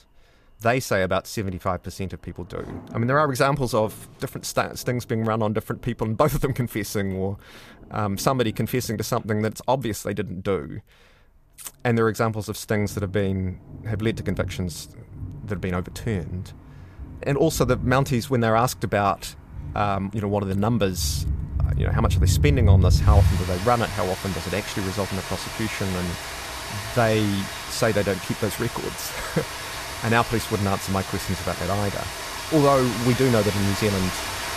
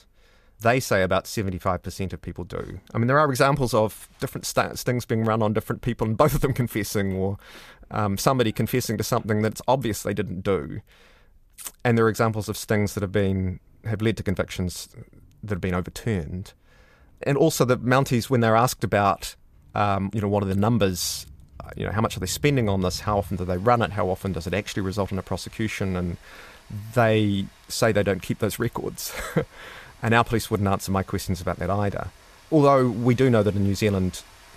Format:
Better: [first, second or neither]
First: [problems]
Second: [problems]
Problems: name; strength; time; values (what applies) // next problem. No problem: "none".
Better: second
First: rain or running water; loud; throughout; 3 dB below the speech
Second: rain or running water; faint; throughout; 25 dB below the speech